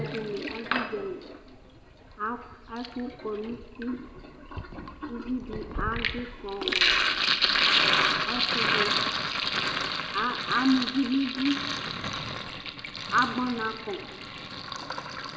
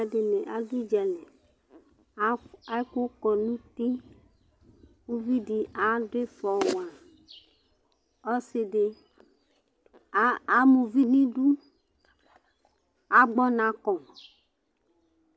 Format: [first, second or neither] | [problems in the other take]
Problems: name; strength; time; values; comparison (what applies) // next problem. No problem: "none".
second | background sound (Sink (filling or washing)); 3 dB above the speech // room echo; dies away in 2 s